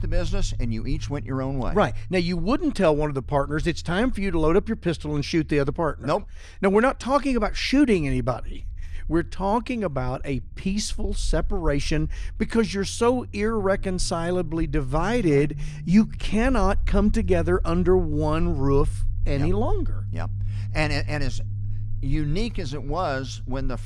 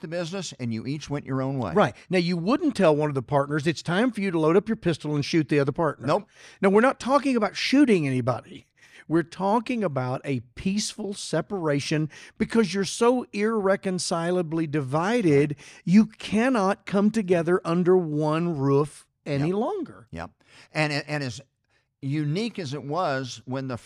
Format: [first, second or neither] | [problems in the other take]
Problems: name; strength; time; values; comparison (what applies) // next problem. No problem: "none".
second | low rumble; faint; throughout; 25 dB below the speech